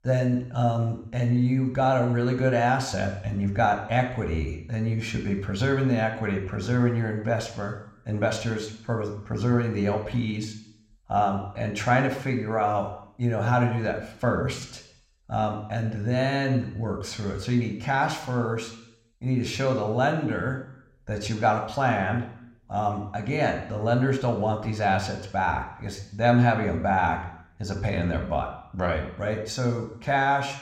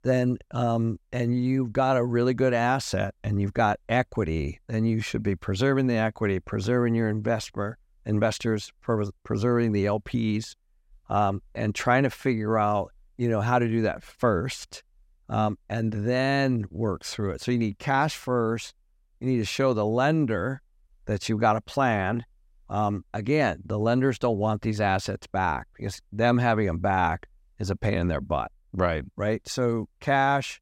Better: second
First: room echo; slight; dies away in 0.7 s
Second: none

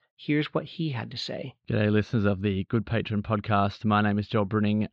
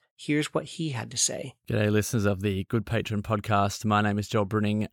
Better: second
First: muffled; slightly; fading above 4 kHz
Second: none

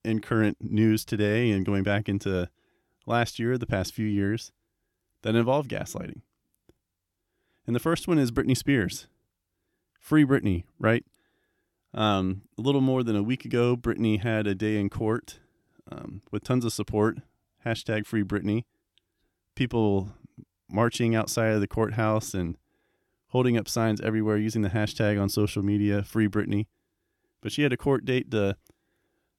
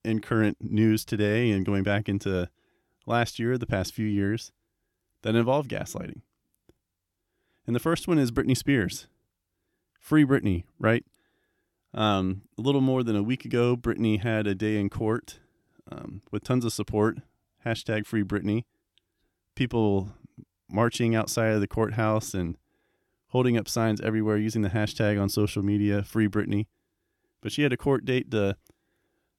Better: neither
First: none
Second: none

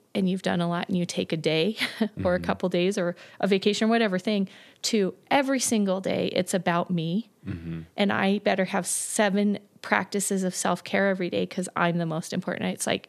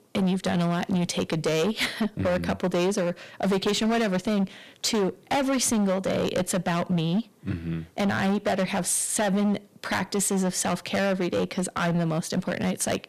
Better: first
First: none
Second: distortion; heavy; 16% of the sound clipped

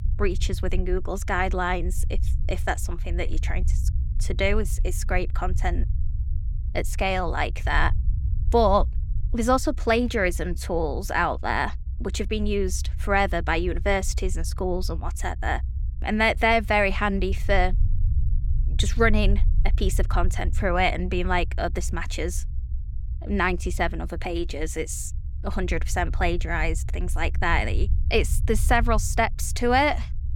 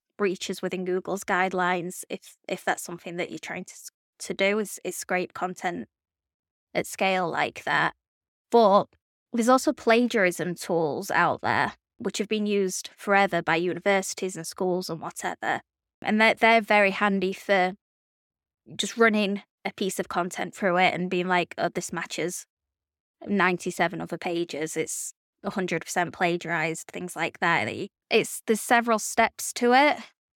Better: second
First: low rumble; faint; throughout; 25 dB below the speech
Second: none

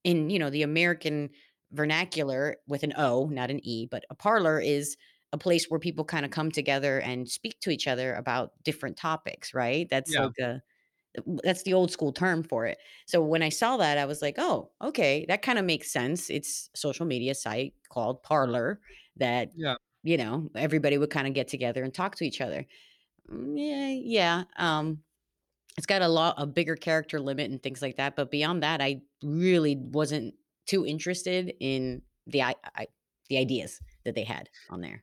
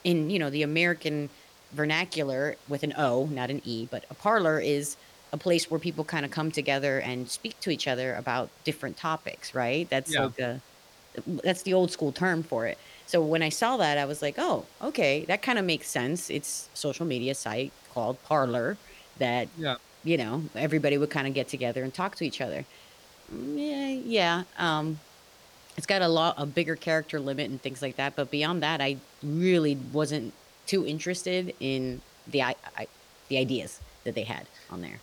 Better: first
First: none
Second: hiss; faint; throughout; 25 dB below the speech

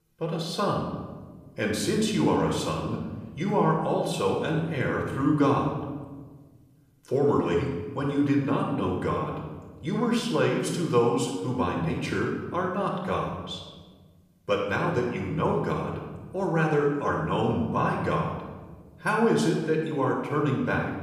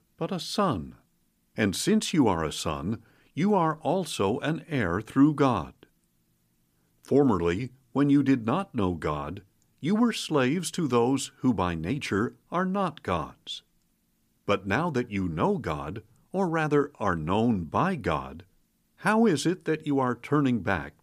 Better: second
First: room echo; noticeable; dies away in 1 s // off-mic speech; somewhat distant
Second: none

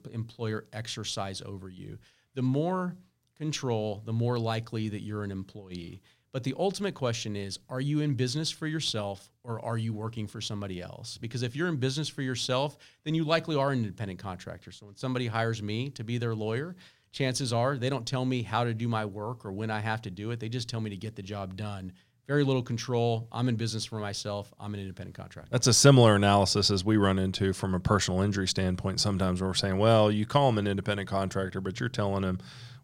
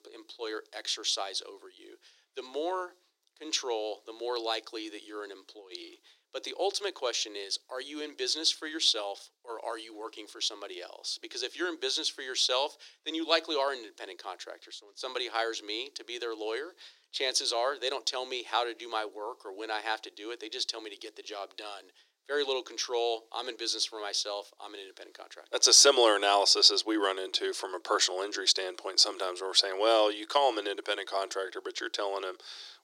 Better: first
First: none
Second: thin; very; fading below 350 Hz

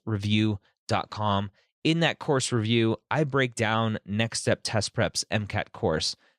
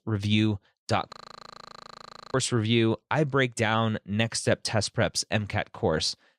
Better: first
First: none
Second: audio freezing; at 1 s for 1 s

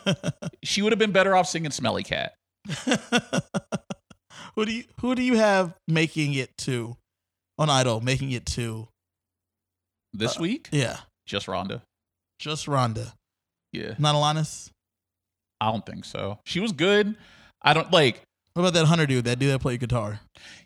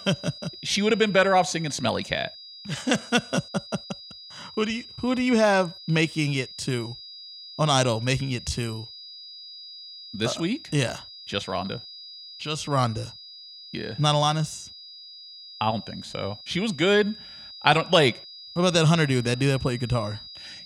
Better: first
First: none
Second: high-pitched whine; noticeable; throughout; 5 kHz, 15 dB below the speech

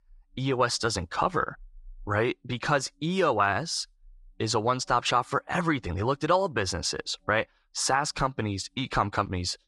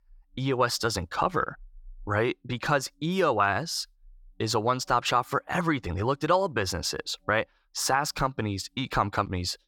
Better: second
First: garbled, watery; slightly; nothing above 10 kHz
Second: none

